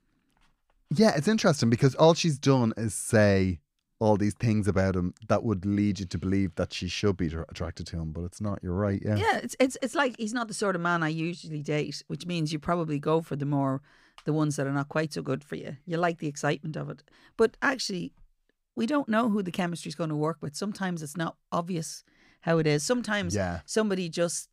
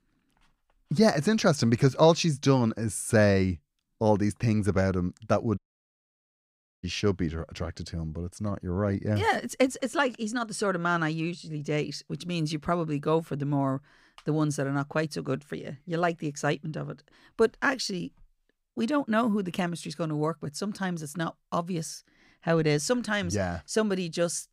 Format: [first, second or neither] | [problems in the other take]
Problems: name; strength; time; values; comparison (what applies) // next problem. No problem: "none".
first | audio cutting out; at 5.5 s for 1.5 s